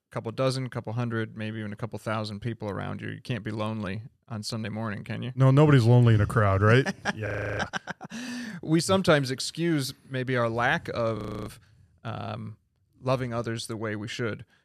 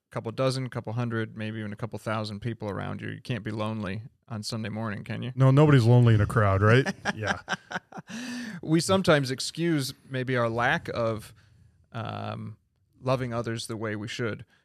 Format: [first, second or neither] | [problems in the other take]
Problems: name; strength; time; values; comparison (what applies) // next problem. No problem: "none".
second | audio freezing; at 7.5 s and at 11 s